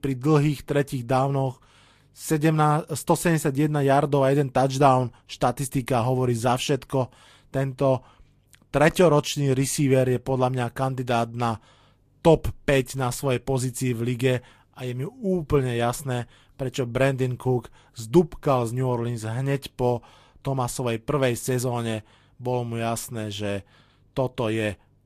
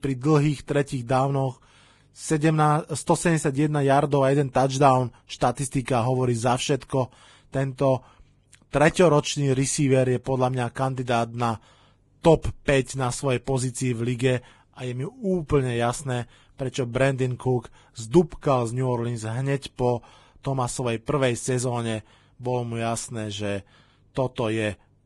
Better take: first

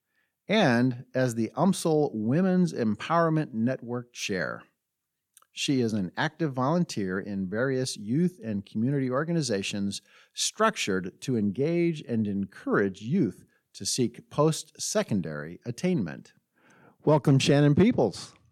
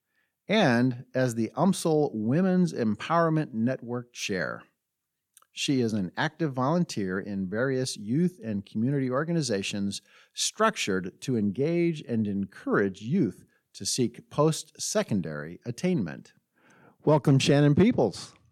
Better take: neither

